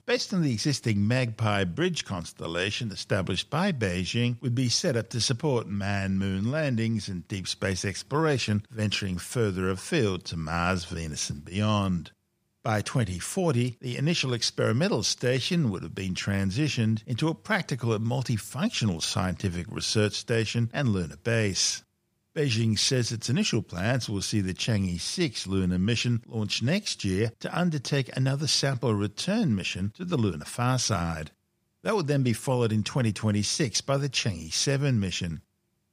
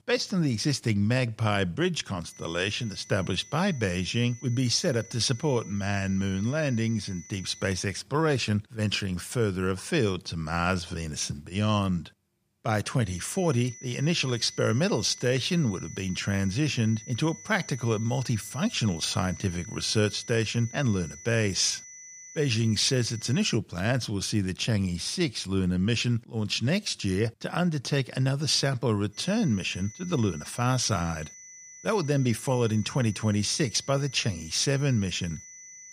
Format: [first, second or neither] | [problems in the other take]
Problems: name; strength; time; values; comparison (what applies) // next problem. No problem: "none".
first | high-pitched whine; noticeable; from 2.5 to 8 s, from 13 to 24 s and from 29 s on; 6 kHz, 15 dB below the speech